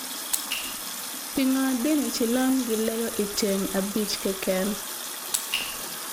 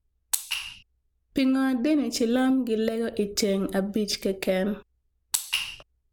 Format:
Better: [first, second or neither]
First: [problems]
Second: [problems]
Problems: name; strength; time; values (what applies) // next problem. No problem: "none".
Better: second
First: background sound (Water tap, faucet); 7 dB below the speech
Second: none